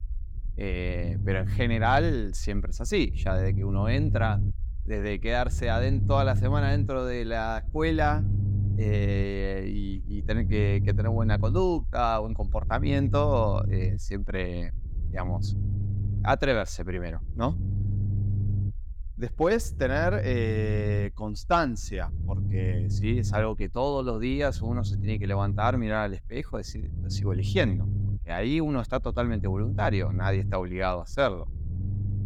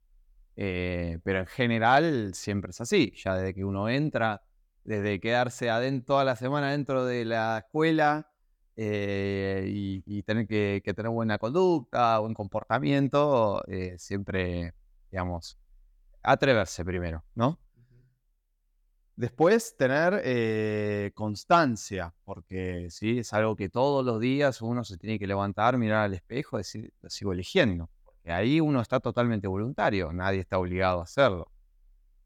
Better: second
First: low rumble; noticeable; throughout; 15 dB below the speech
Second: none

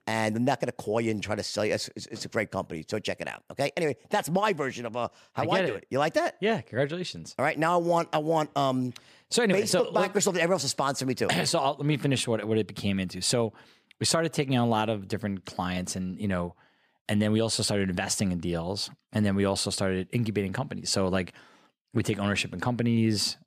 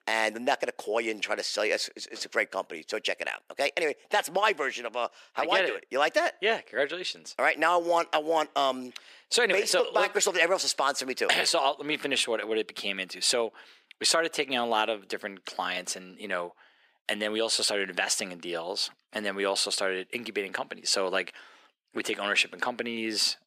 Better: first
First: none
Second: thin; somewhat; fading below 350 Hz

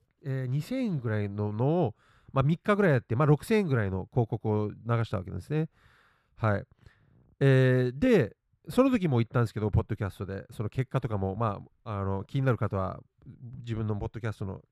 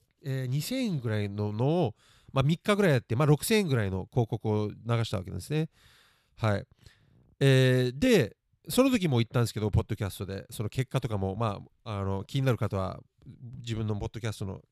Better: second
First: muffled; slightly; fading above 2.5 kHz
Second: none

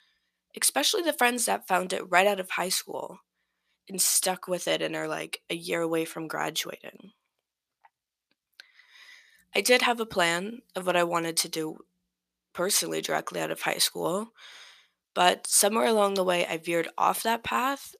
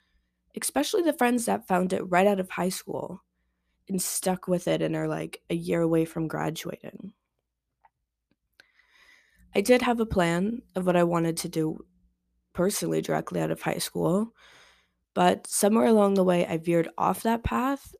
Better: second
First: thin; somewhat; fading below 1 kHz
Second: none

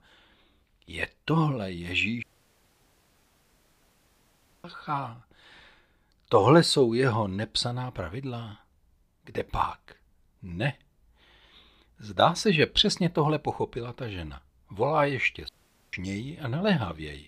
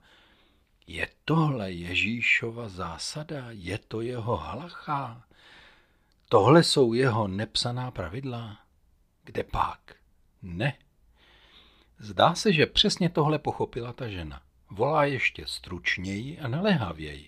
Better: second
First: audio cutting out; at 2 s for 2.5 s and at 15 s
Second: none

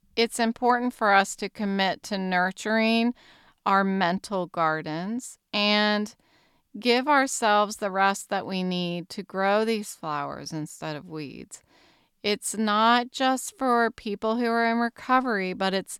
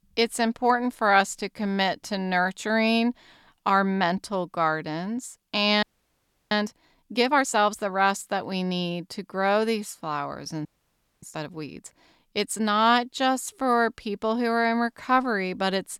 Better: first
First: none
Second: audio freezing; at 6 s for 0.5 s and at 11 s for 0.5 s

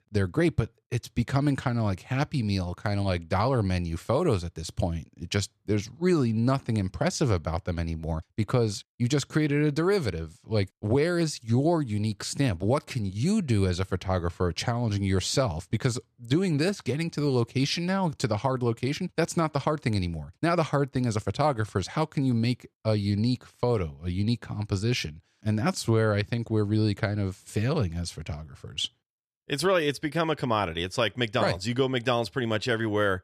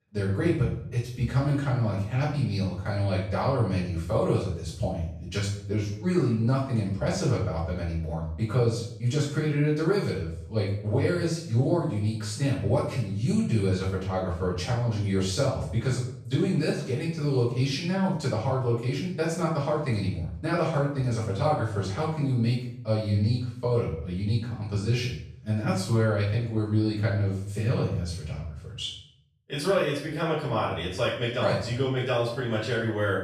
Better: first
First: none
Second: room echo; noticeable; dies away in 0.6 s // off-mic speech; far

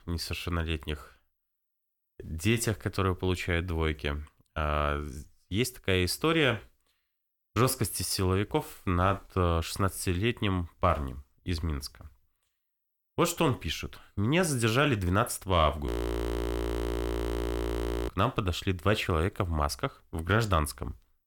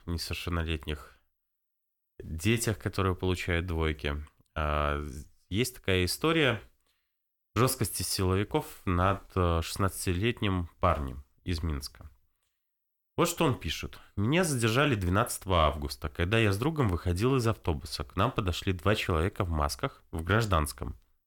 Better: second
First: audio freezing; at 16 s for 2 s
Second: none

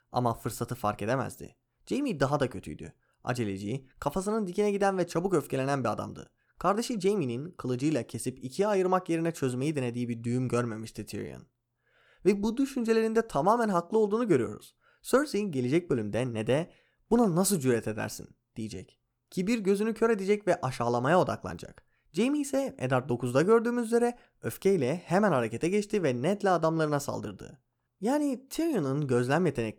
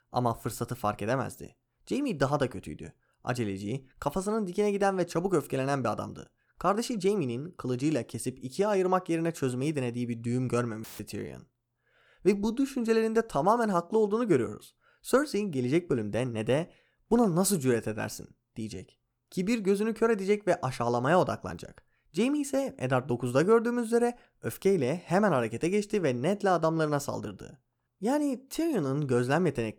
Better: first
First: none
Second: audio cutting out; filled with static; at 11 s

